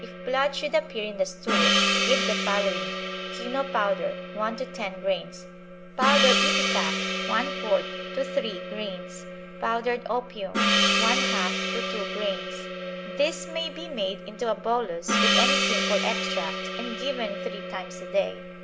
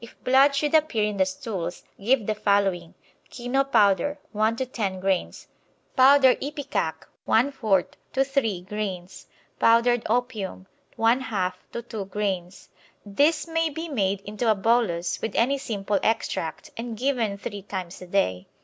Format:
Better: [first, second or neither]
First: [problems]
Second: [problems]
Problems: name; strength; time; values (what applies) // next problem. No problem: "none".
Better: second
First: background sound (Gong); 1 dB above the speech // room echo; dies away in 1 s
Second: none